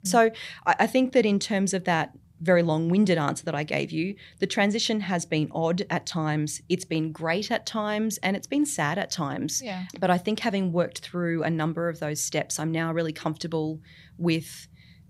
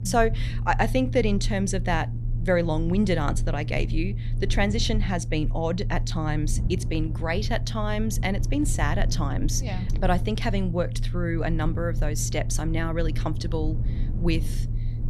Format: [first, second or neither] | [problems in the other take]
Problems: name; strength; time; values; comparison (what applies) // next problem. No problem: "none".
first | low rumble; noticeable; throughout; 15 dB below the speech